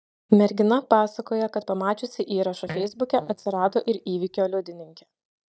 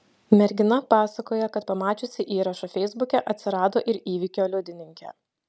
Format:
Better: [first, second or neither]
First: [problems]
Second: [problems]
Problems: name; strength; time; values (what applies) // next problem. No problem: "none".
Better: second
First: noise reduction (neural mask model DeepFilterNet 3)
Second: none